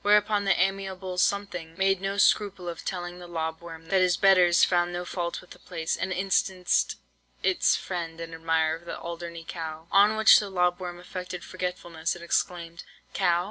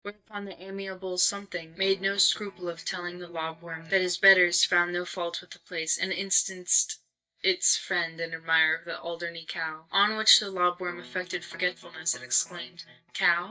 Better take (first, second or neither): first